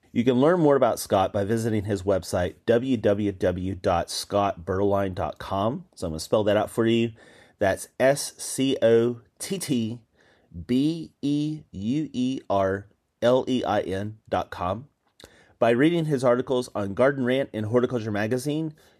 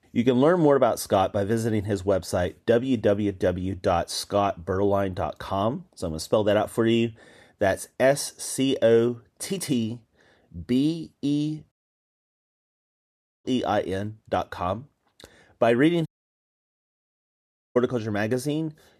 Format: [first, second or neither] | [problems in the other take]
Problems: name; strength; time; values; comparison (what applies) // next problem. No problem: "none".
first | audio cutting out; at 12 s for 1.5 s and at 16 s for 1.5 s